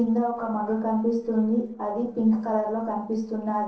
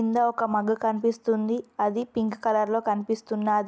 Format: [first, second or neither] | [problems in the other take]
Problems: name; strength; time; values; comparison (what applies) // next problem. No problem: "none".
second | noise reduction (neural separator model SepFormer DNS4)